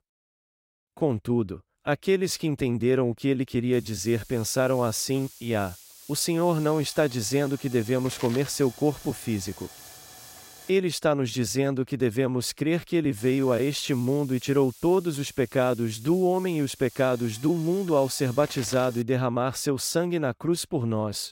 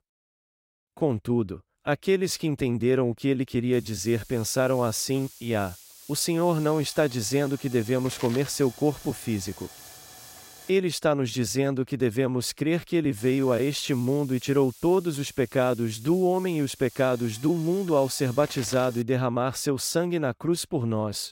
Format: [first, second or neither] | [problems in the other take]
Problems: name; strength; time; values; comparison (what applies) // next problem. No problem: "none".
neither | hiss; noticeable; from 3.5 to 11 s and from 13 to 19 s; 20 dB below the speech; the same in both